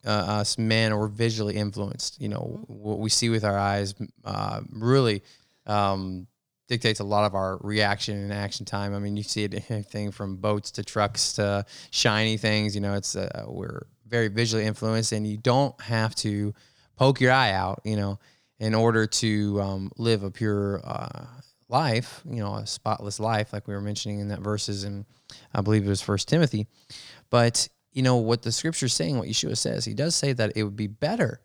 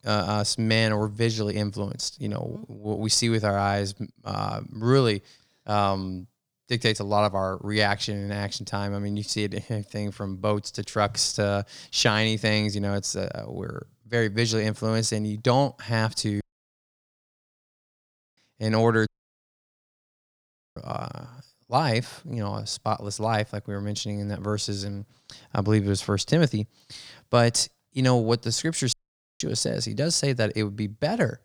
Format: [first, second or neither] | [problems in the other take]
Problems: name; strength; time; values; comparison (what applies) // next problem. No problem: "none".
first | audio cutting out; at 16 s for 2 s, at 19 s for 1.5 s and at 29 s